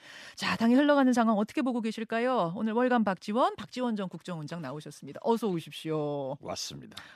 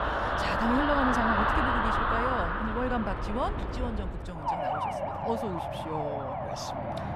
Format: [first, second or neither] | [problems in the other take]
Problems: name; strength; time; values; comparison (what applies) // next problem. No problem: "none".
first | traffic noise; very loud; throughout; 3 dB above the speech